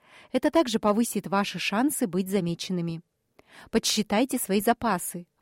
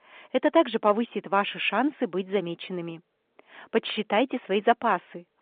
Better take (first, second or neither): first